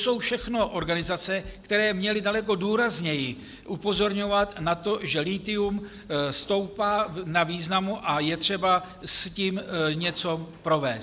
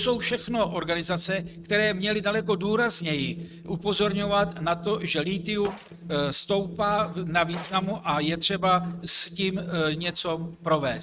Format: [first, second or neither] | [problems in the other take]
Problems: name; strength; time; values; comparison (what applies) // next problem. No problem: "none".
first | noise reduction (neural mask model RNNoise)